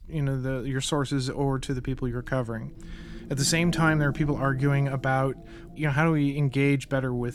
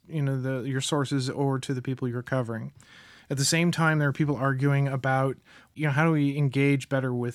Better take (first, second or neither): second